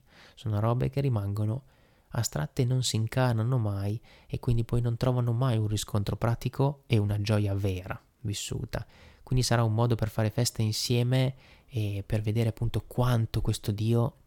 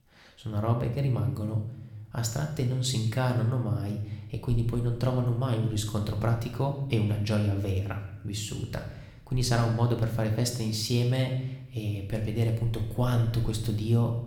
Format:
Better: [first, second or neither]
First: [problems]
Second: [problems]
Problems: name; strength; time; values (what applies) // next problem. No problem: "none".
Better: first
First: none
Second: room echo; slight; dies away in 0.8 s